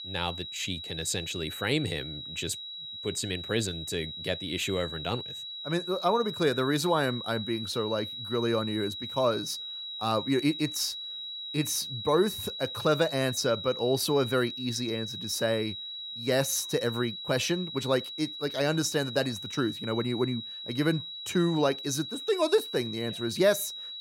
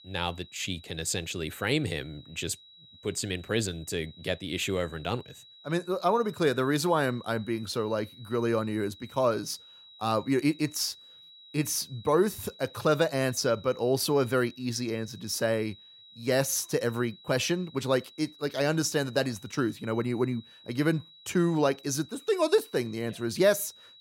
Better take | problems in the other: second | high-pitched whine; loud; throughout; 4 kHz, 7 dB below the speech; faint in the second

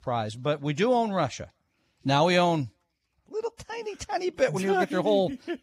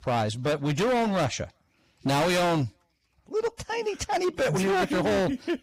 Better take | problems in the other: first | distortion; heavy; 21% of the sound clipped

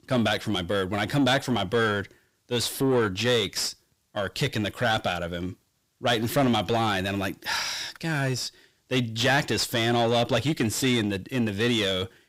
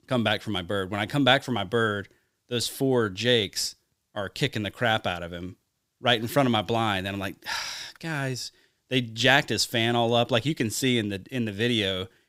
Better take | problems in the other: second | distortion; heavy; 6 dB below the speech

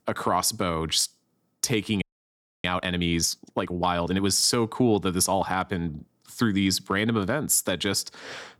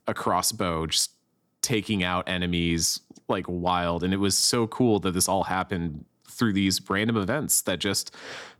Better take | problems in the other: second | audio freezing; at 2 s for 0.5 s

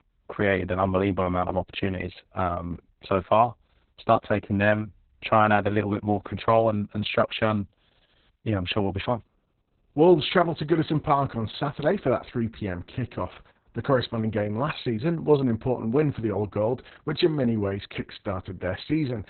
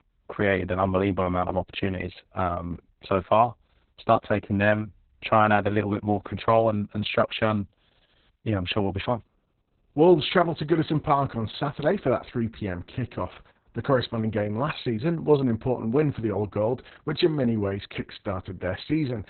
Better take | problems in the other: neither | garbled, watery; badly; nothing above 4 kHz; the same in both

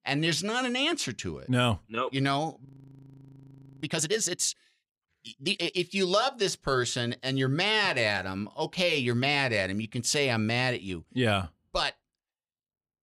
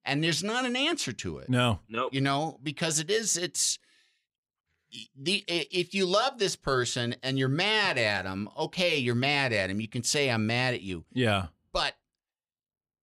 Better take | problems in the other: second | audio freezing; at 2.5 s for 1 s

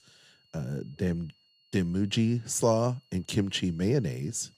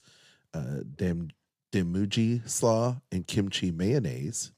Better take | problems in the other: second | high-pitched whine; faint; throughout; 4.5 kHz, 35 dB below the speech

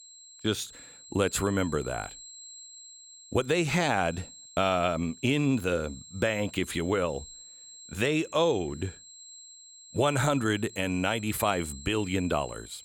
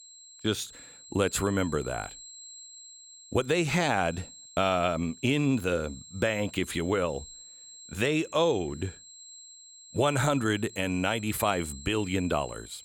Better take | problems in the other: neither | high-pitched whine; noticeable; throughout; 7.5 kHz, 15 dB below the speech; the same in both

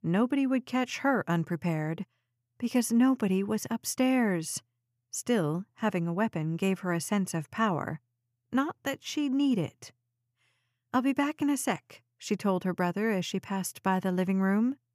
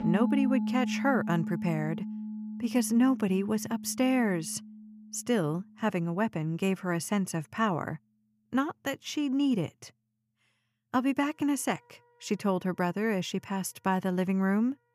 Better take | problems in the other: first | background music; loud; throughout; 6 dB below the speech

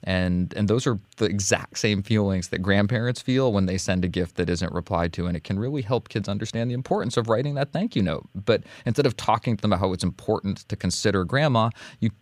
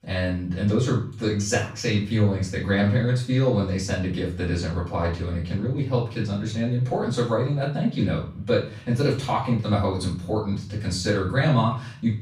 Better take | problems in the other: first | room echo; noticeable; dies away in 0.4 s // off-mic speech; far

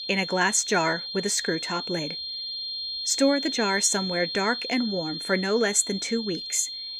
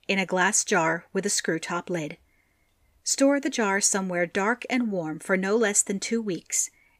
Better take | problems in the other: second | high-pitched whine; loud; throughout; 4 kHz, 5 dB below the speech

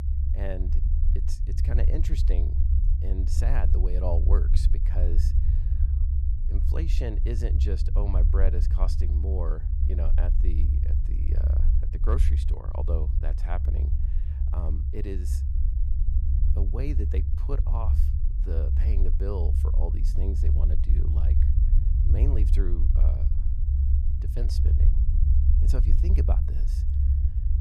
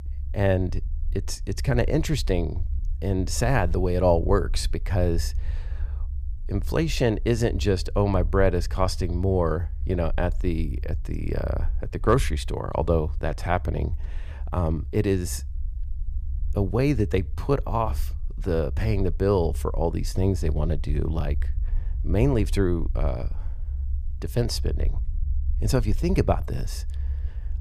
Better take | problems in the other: second | low rumble; loud; throughout; 4 dB below the speech; faint in the second

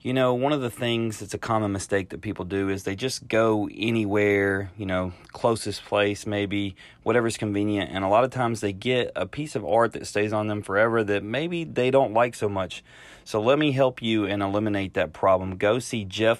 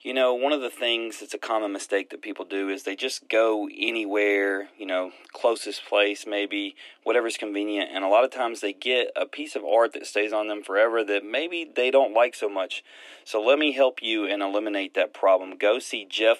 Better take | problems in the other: first | thin; somewhat; fading below 300 Hz

